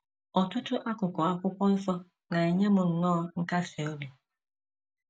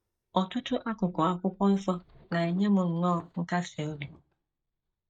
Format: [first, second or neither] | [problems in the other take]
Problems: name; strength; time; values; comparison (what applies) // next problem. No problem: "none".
first | noise reduction (neural mask model DeepFilterNet 3)